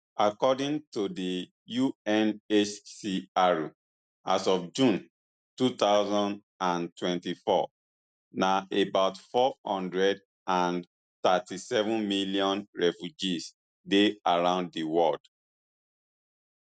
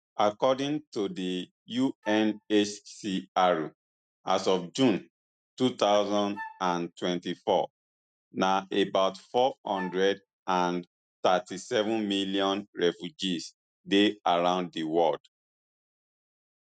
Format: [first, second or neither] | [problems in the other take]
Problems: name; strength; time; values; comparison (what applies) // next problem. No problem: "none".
first | noise reduction (neural mask model RNNoise)